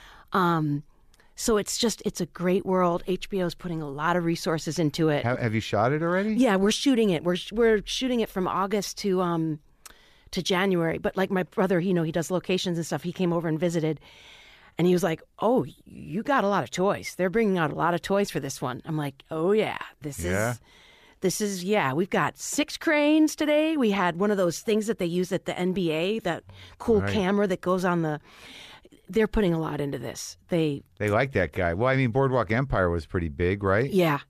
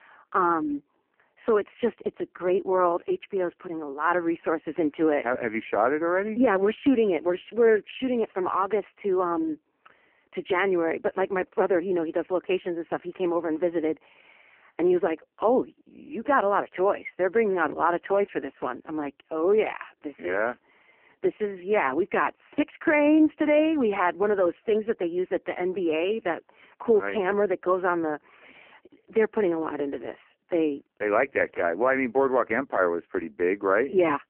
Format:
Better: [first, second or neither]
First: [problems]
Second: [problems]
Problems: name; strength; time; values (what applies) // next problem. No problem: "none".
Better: first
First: none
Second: phone-call audio; poor line